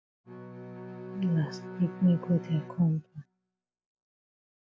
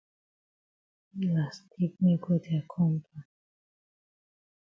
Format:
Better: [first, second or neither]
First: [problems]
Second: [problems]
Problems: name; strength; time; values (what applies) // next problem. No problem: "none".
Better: second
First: background sound (Bowed string instrument); 13 dB below the speech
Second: none